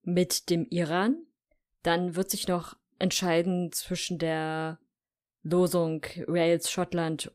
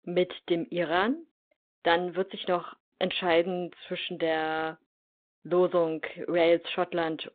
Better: first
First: none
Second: phone-call audio; nothing above 3.5 kHz

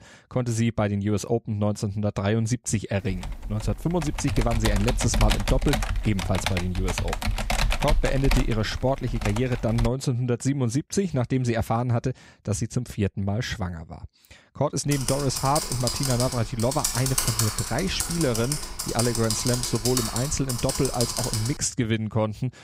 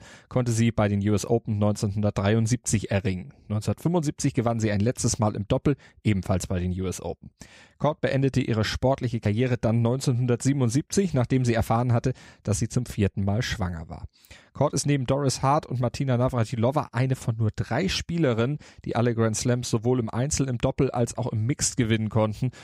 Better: second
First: keyboard typing; loud; from 3 to 10 s and from 15 to 22 s; peak 3 dB above the speech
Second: none

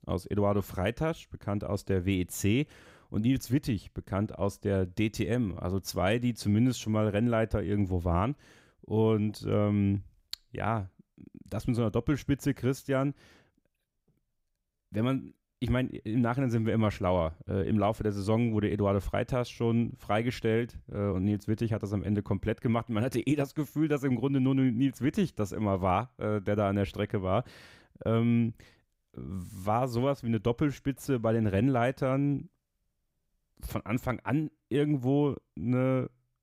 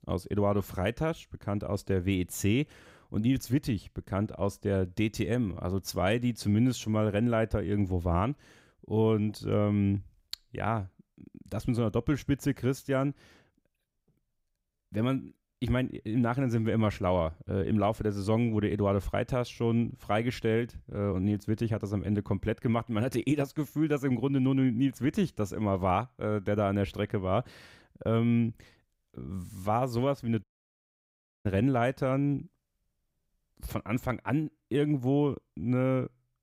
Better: first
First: none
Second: audio cutting out; at 30 s for 1 s

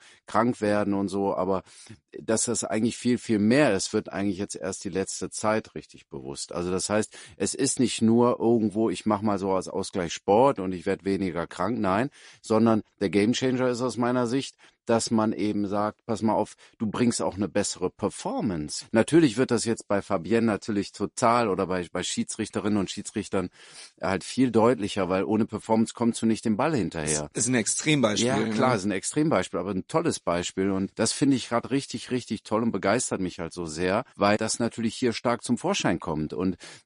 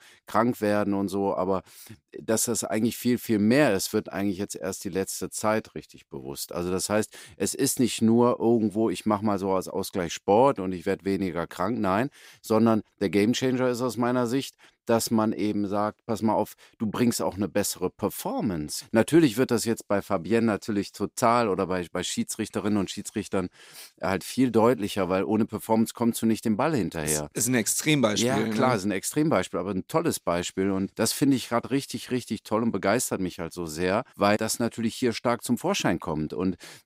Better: second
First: garbled, watery; slightly; nothing above 10.5 kHz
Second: none

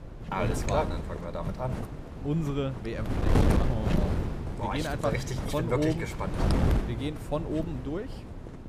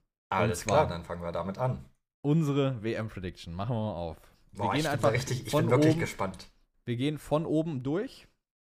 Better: second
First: wind noise on the microphone; heavy; 4 dB below the speech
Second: none

